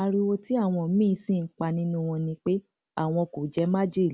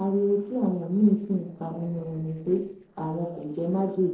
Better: first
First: none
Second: noise reduction (neural separator model SepFormer DNS4)

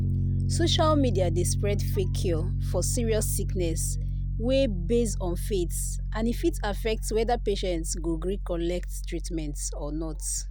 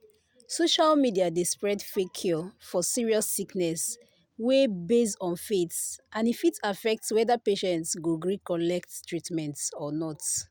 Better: second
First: background sound (Piano); 1 dB above the speech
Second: none

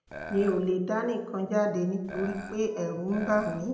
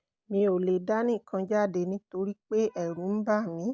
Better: second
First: background sound (Burping, eructation); 12 dB below the speech // room echo; dies away in 0.7 s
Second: none

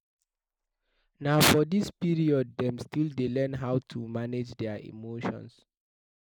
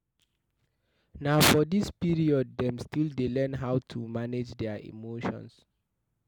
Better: second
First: noise reduction (neural mask model Resemble Enhance denoiser)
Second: none

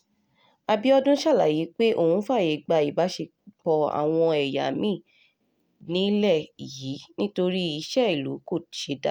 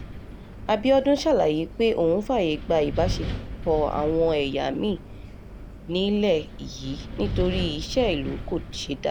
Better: first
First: none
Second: background sound (Wind); 9 dB below the speech

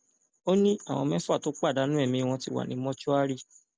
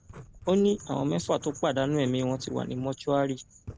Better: first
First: none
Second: background sound (Writing); 19 dB below the speech

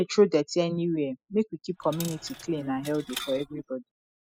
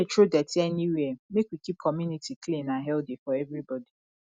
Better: second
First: noise reduction (classical method spectral subtraction)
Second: none

